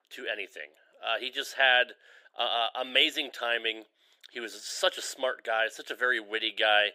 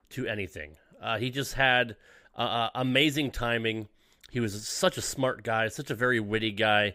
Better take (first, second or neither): second